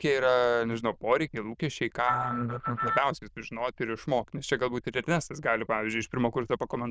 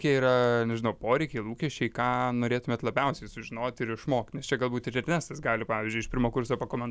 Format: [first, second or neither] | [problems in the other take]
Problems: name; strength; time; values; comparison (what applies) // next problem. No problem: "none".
second | noise reduction (neural diffusion model UNIVERSE++)